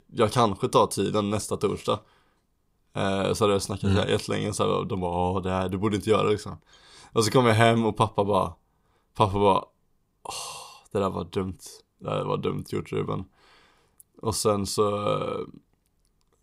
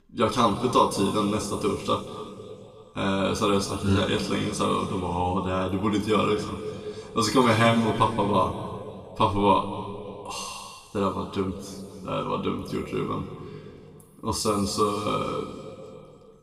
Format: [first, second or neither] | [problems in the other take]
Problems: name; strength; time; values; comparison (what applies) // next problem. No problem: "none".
first | room echo; noticeable; dies away in 2.2 s // off-mic speech; far